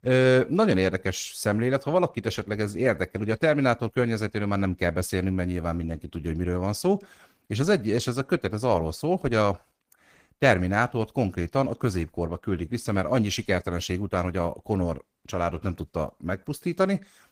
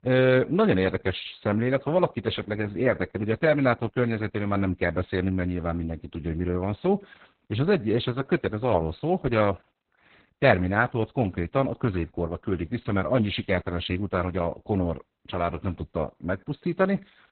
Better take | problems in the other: first | garbled, watery; badly; nothing above 4 kHz; slightly in the first

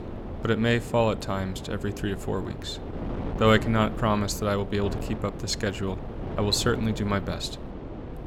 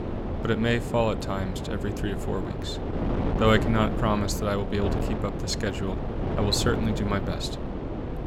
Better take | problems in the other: first | wind noise on the microphone; heavy; 6 dB below the speech; occasional gusts in the first

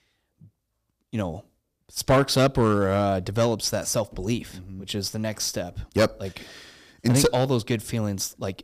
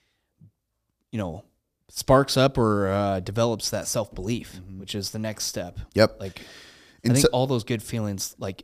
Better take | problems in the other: second | distortion; slight; 2% of the sound clipped

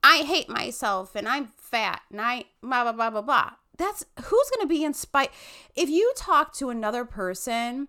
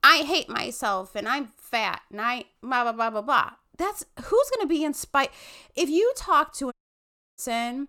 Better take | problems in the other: first | audio cutting out; at 6.5 s for 0.5 s

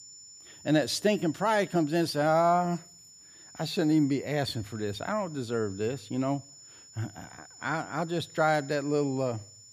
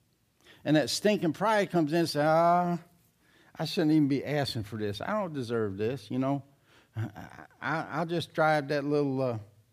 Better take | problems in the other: second | high-pitched whine; noticeable; throughout; 7 kHz, 20 dB below the speech

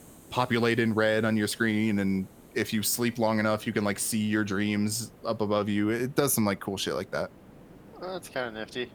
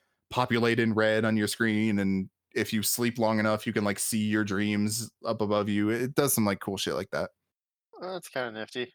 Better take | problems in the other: second | hiss; faint; throughout; 25 dB below the speech

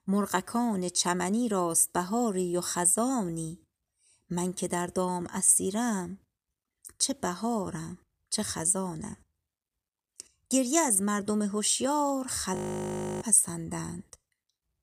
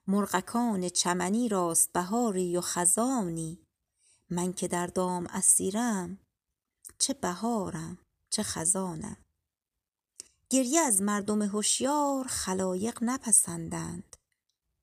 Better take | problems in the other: second | audio freezing; at 13 s for 0.5 s

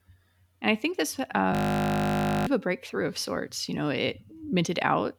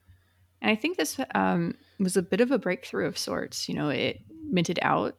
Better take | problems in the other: second | audio freezing; at 1.5 s for 1 s

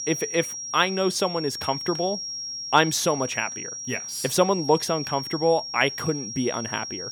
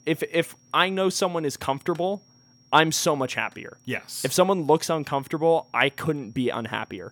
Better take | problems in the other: second | high-pitched whine; loud; throughout; 5.5 kHz, 7 dB below the speech; faint in the second

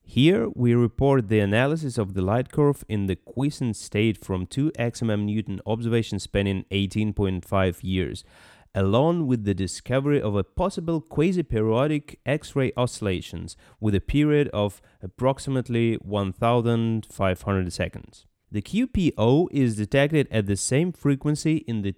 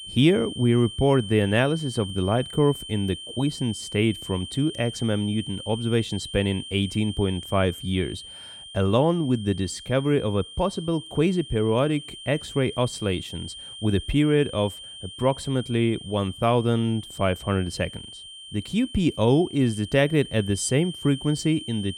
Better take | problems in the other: first | high-pitched whine; noticeable; throughout; 3 kHz, 15 dB below the speech

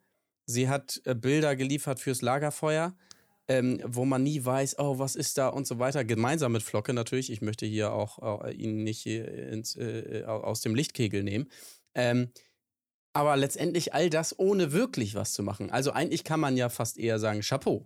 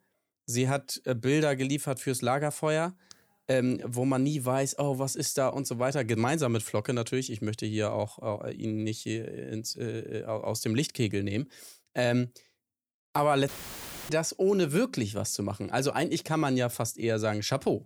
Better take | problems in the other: first | audio cutting out; filled with static; at 13 s for 0.5 s

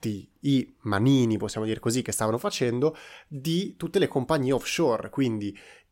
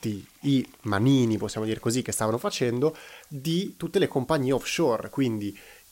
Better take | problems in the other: first | hiss; faint; throughout; 25 dB below the speech

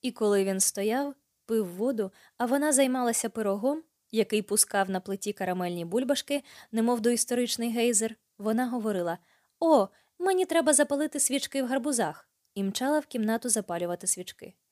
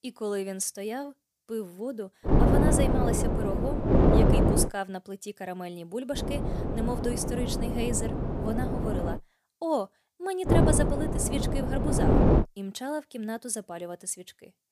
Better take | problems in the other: first | wind noise on the microphone; heavy; from 2.5 to 4.5 s, from 6 to 9 s and from 10 to 12 s; 4 dB above the speech

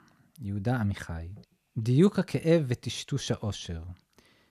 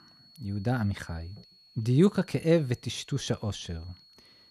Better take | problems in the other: first | high-pitched whine; faint; throughout; 4.5 kHz, 25 dB below the speech

